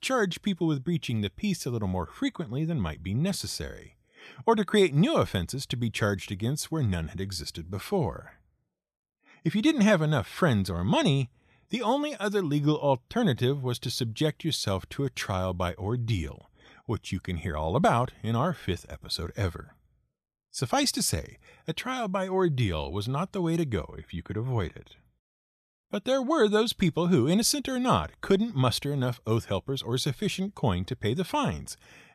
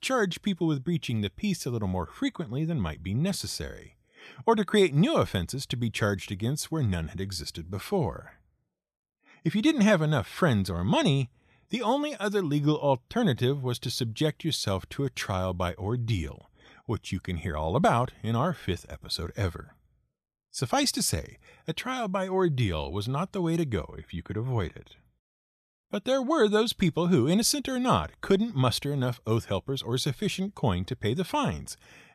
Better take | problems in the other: neither | none

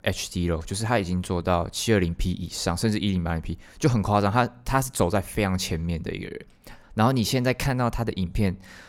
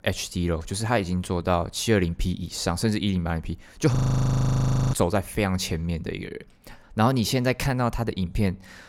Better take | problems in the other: first | audio freezing; at 4 s for 1 s

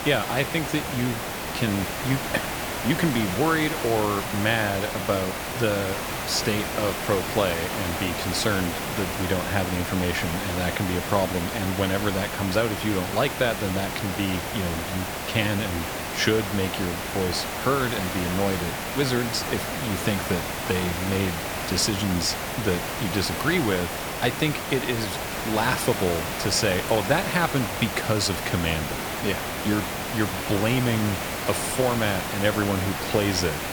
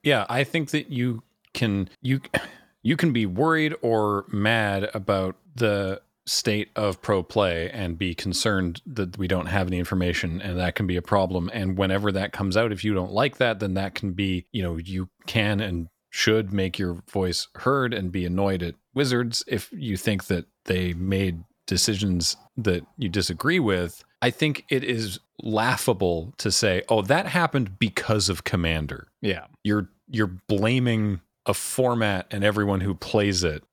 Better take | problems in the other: second | hiss; loud; throughout; 3 dB below the speech

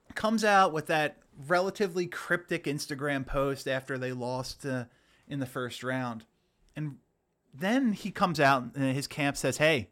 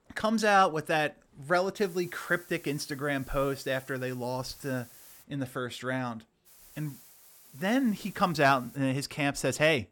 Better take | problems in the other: first | hiss; faint; from 2 to 5 s and from 6.5 to 9 s; 20 dB below the speech

